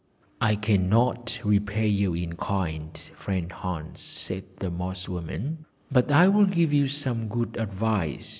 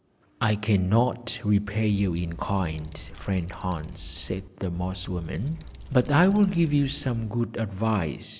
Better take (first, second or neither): first